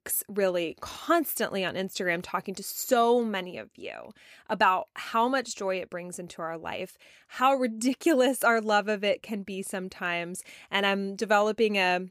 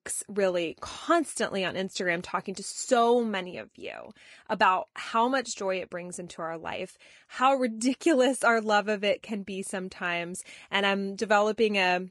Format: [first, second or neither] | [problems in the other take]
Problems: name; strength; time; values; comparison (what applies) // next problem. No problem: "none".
first | garbled, watery; slightly; nothing above 11 kHz